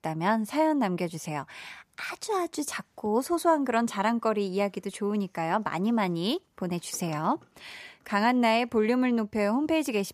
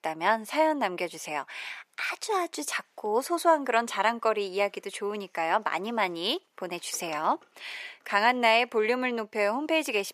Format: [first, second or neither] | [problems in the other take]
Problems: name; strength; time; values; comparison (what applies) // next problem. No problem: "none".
first | thin; somewhat; fading below 450 Hz